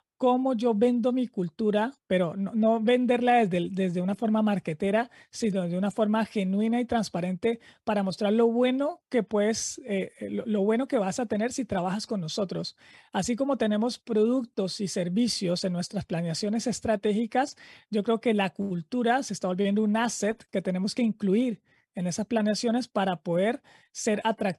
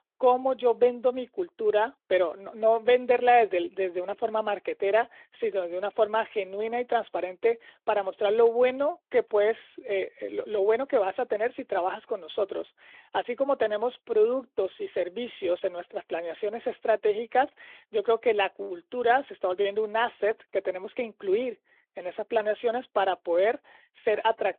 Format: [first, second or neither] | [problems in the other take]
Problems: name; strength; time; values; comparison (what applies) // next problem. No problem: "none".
first | phone-call audio; nothing above 3.5 kHz